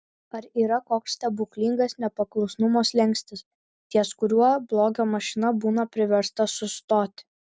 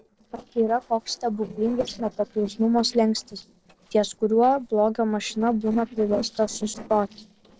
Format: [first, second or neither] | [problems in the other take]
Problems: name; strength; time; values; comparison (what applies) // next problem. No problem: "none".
first | noise reduction (neural separator model SepFormer DNS4)